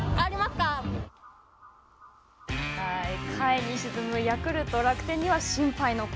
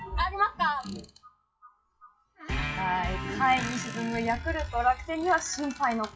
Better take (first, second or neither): first